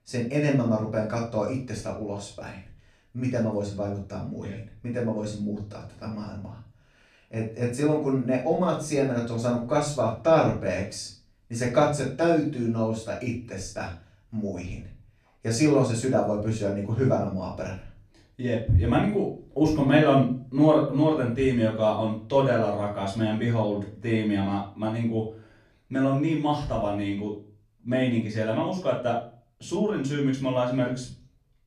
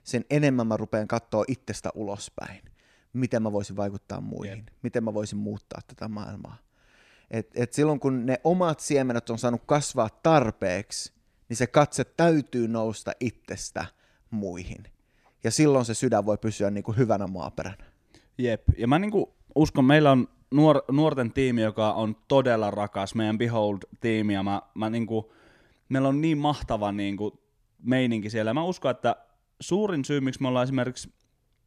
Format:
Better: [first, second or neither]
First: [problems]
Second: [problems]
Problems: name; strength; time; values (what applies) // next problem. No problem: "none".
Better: second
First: off-mic speech; far // room echo; slight; dies away in 0.4 s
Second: none